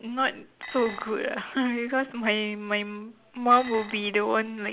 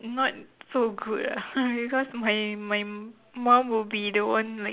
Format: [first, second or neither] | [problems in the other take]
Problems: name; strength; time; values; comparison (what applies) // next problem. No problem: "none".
second | background sound (Dishes, pots, and pans); 15 dB below the speech